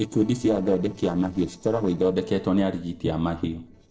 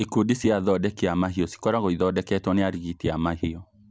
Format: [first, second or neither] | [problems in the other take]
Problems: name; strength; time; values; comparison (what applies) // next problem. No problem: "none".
second | noise reduction (neural separator model SepFormer DNS4)